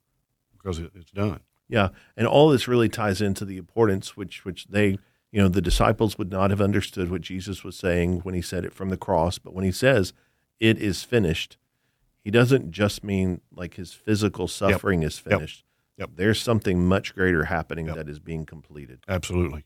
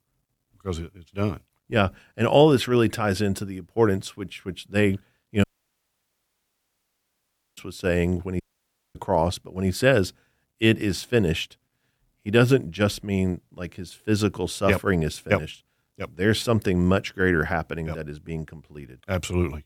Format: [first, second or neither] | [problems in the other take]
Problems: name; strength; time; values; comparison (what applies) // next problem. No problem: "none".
first | audio cutting out; at 5.5 s for 2 s and at 8.5 s for 0.5 s